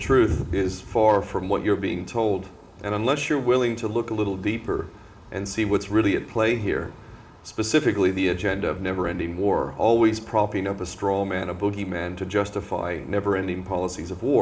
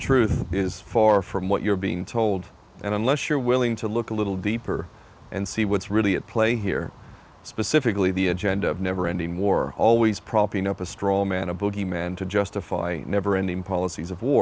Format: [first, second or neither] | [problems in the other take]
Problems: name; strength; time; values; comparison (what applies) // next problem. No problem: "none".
second | room echo; dies away in 2.7 s